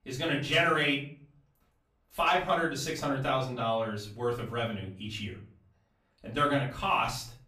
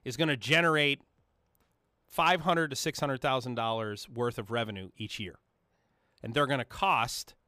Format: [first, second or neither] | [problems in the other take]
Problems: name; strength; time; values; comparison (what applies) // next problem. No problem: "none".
second | off-mic speech; far // room echo; slight; dies away in 0.5 s